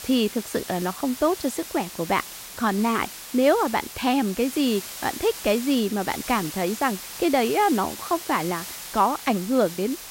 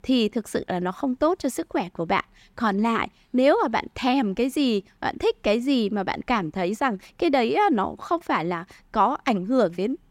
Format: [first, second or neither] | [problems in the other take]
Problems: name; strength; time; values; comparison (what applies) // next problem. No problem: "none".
second | hiss; noticeable; throughout; 10 dB below the speech